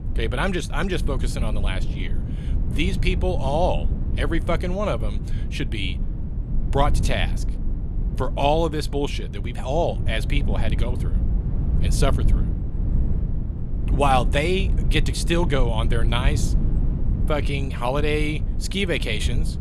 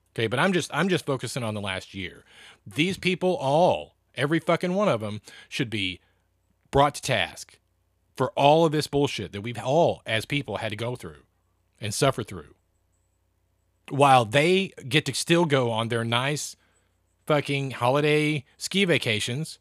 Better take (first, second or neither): second